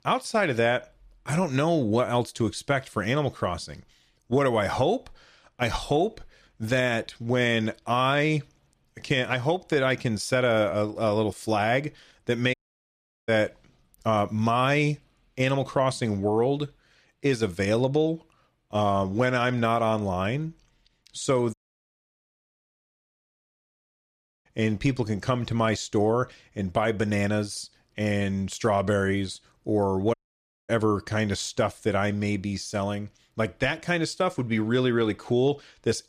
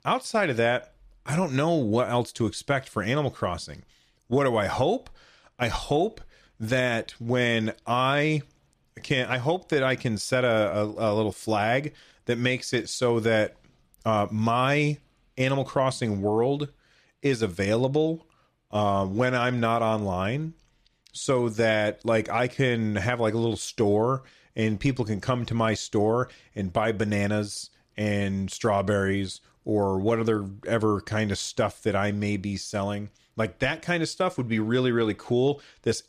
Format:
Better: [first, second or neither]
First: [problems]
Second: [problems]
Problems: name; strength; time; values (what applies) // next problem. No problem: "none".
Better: second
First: audio cutting out; at 13 s for 0.5 s, at 22 s for 3 s and at 30 s for 0.5 s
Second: none